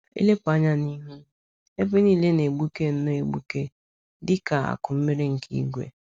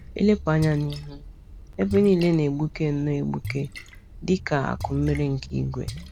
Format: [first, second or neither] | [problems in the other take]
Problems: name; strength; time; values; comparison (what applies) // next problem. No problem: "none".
first | background sound (Splash, splatter); 13 dB below the speech